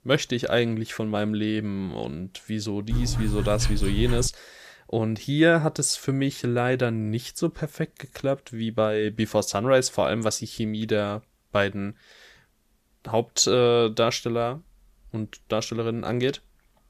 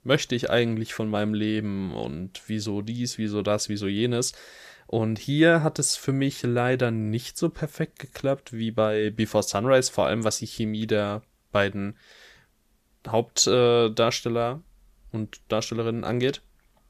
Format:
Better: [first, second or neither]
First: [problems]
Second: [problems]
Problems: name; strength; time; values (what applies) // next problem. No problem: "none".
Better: second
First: dog barking; noticeable; from 3 to 4.5 s; peak 3 dB below the speech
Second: none